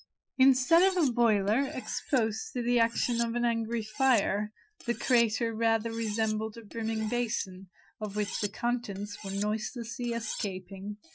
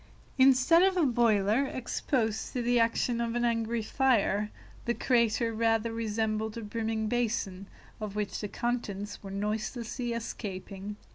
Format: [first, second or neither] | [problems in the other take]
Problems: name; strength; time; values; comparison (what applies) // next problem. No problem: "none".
second | noise reduction (classical method Wiener filter)